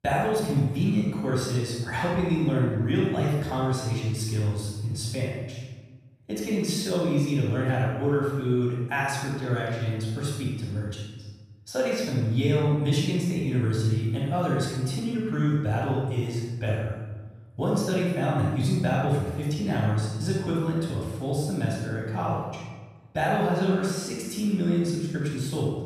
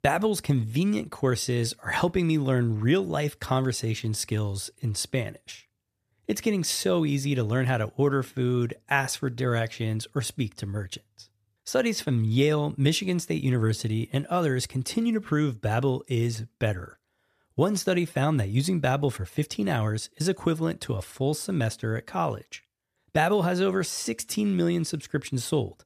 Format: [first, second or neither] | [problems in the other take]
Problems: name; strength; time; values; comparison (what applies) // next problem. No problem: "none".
second | off-mic speech; far // room echo; strong; dies away in 1.2 s